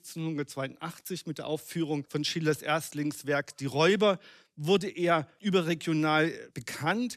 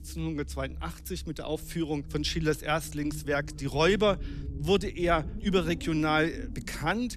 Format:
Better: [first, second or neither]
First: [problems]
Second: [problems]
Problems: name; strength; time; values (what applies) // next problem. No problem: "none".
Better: first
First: none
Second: low rumble; faint; throughout; 20 dB below the speech